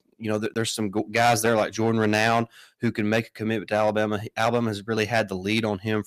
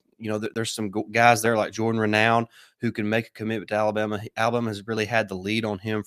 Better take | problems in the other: second | distortion; slight; 3% of the sound clipped

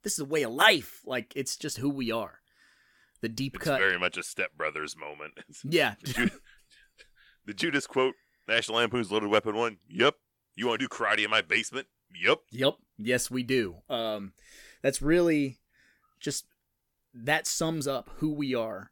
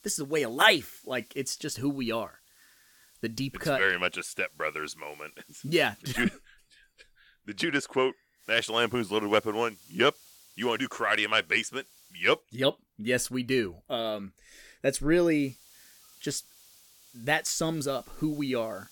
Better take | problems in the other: first | hiss; faint; until 6 s, from 8.5 to 12 s and from 15 s on; 25 dB below the speech

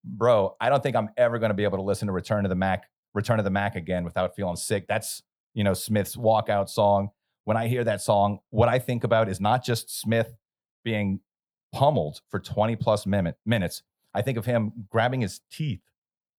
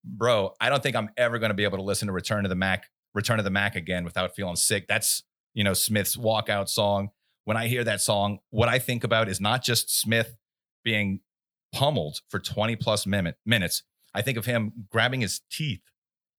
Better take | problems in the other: second | muffled; slightly; fading above 1.5 kHz

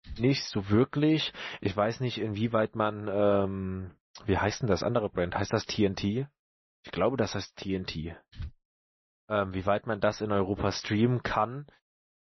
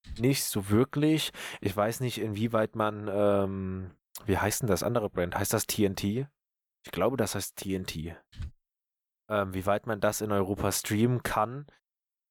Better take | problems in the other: second | garbled, watery; slightly; nothing above 6 kHz

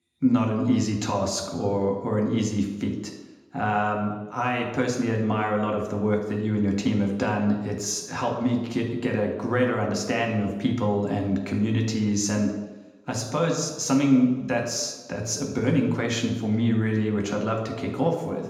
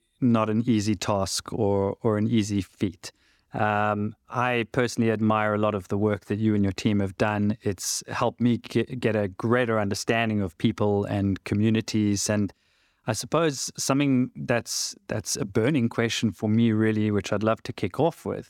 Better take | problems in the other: second | room echo; noticeable; dies away in 0.9 s // off-mic speech; somewhat distant

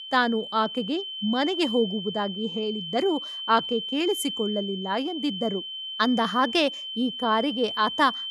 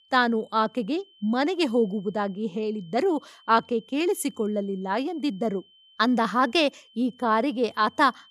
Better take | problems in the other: second | high-pitched whine; loud; throughout; 3 kHz, 6 dB below the speech; faint in the second

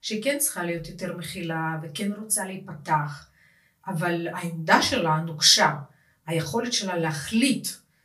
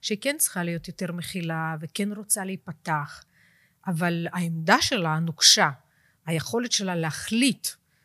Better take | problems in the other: second | off-mic speech; far // room echo; very slight; dies away in 0.3 s

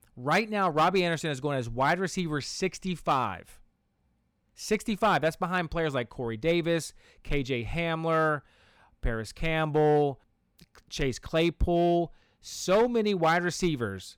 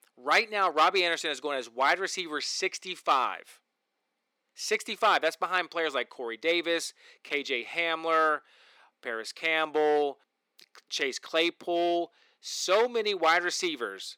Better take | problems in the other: first | thin; very; fading below 350 Hz

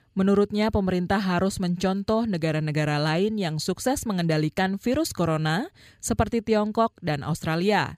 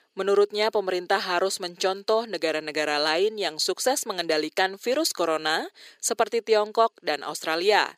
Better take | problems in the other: first | thin; very; fading below 400 Hz

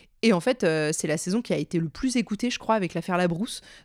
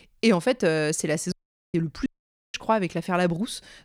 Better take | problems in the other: first | audio cutting out; at 1.5 s and at 2 s

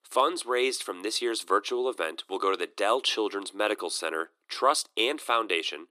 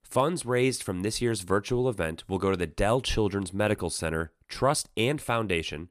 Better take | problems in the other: second | thin; very; fading below 300 Hz

